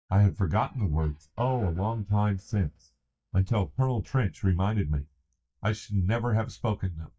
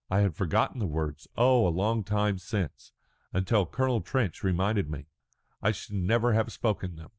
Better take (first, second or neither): second